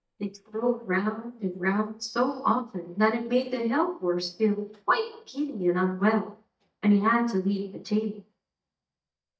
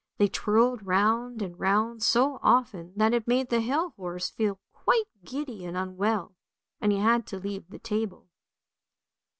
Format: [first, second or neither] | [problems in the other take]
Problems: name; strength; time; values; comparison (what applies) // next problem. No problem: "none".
second | noise reduction (neural mask model DeepFilterNet 3)